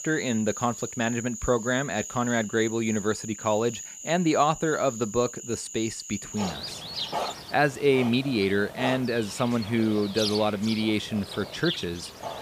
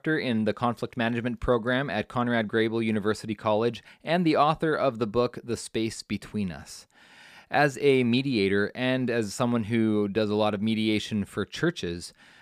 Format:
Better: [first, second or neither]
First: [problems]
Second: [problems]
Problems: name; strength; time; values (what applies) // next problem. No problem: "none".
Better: second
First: animal sounds; loud; throughout; 9 dB below the speech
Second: none